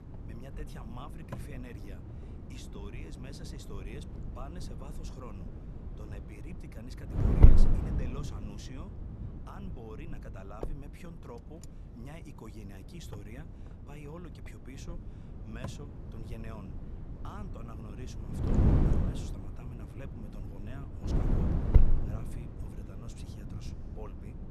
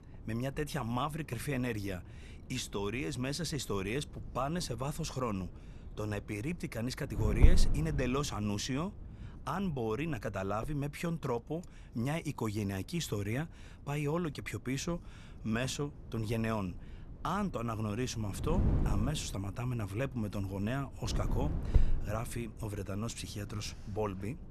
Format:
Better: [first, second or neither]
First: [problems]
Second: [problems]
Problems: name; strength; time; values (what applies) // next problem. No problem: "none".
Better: second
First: wind noise on the microphone; heavy; 5 dB above the speech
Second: wind noise on the microphone; occasional gusts; 15 dB below the speech